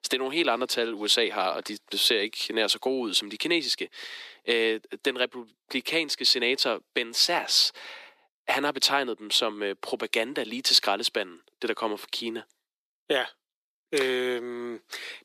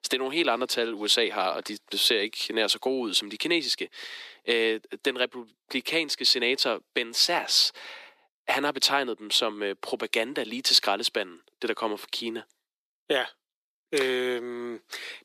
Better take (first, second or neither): neither